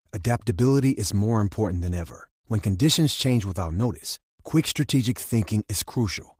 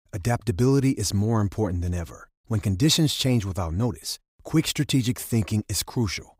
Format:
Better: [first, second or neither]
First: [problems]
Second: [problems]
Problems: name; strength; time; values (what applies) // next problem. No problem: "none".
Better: second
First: garbled, watery; slightly; nothing above 15.5 kHz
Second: none